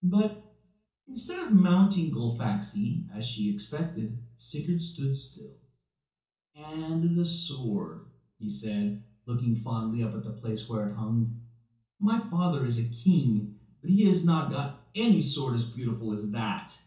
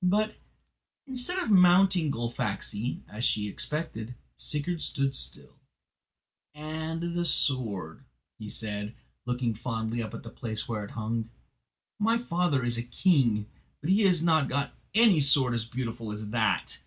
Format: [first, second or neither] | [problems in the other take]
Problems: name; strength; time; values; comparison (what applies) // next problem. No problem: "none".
second | room echo; dies away in 0.6 s